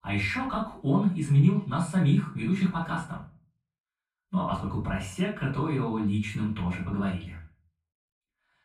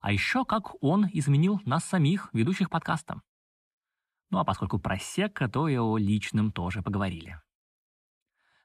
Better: second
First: off-mic speech; far // room echo; slight; dies away in 0.3 s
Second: none

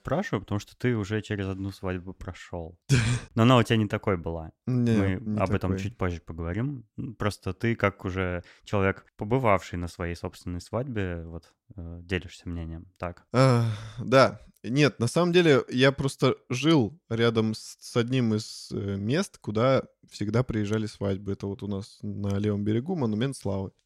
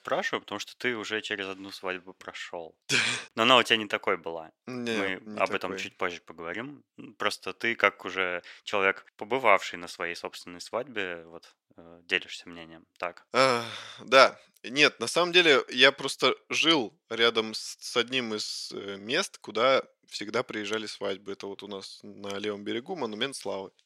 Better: first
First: none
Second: thin; somewhat; fading below 400 Hz

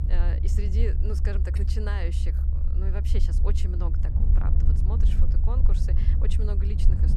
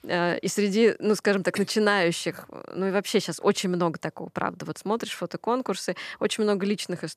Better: second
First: low rumble; loud; throughout; 3 dB below the speech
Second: none

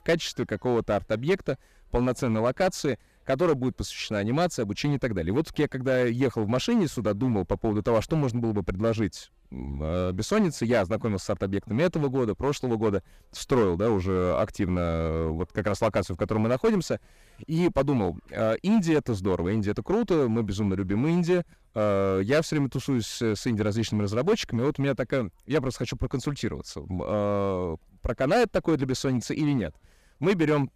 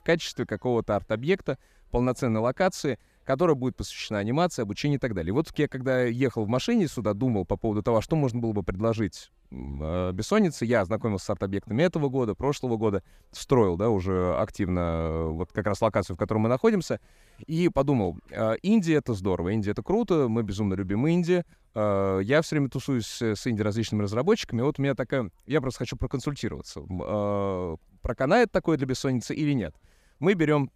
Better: second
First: distortion; slight; 5% of the sound clipped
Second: none

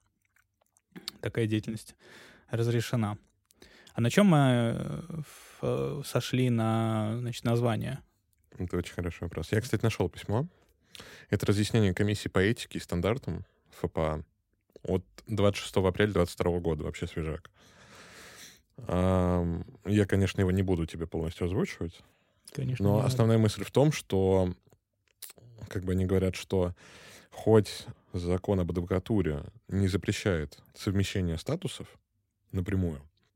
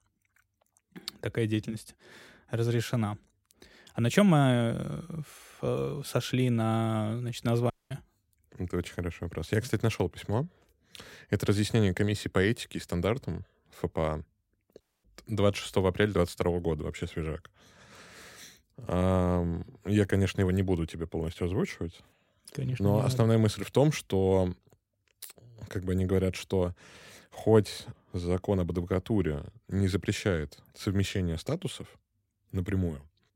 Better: first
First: none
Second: audio cutting out; at 7.5 s and at 15 s

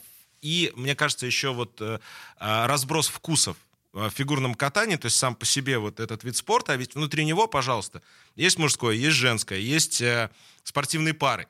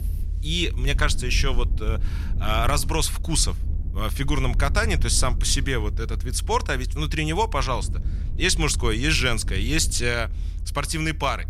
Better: first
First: none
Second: low rumble; faint; throughout; 20 dB below the speech

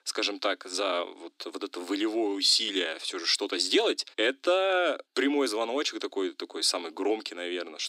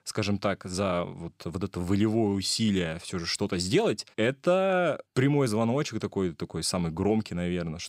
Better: second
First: thin; somewhat; fading below 250 Hz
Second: none

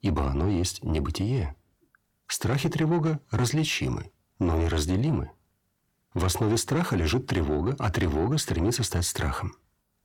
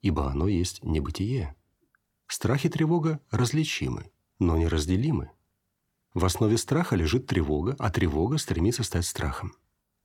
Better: second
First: distortion; slight; 10 dB below the speech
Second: none

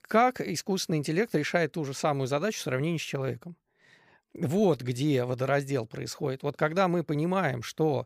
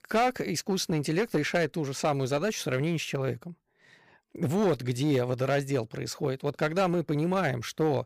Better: first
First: none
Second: distortion; slight; 6% of the sound clipped

